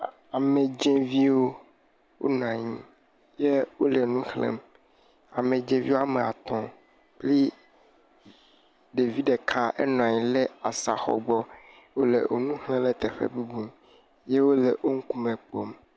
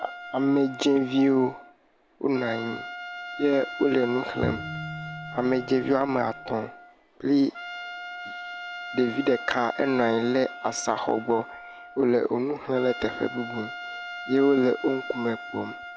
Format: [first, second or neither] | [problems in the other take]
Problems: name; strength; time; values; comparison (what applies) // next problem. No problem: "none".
first | background sound (Trumpet + Bowed string instrument); 12 dB below the speech